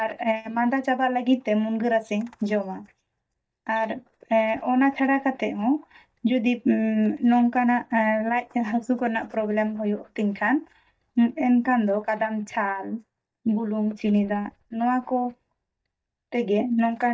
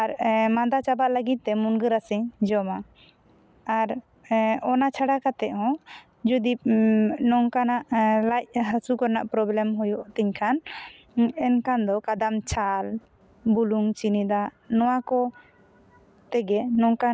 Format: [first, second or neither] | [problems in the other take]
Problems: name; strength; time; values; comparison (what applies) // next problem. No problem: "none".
second | noise reduction (neural mask model DeepFilterNet 3)